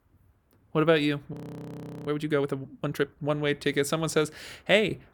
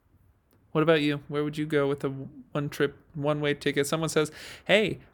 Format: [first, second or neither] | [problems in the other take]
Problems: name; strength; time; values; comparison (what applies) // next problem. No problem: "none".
second | audio freezing; at 1.5 s for 0.5 s